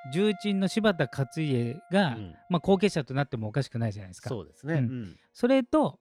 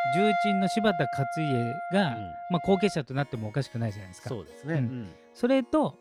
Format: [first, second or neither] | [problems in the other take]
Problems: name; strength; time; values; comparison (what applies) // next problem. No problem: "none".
first | background music; loud; throughout; 3 dB below the speech; faint in the first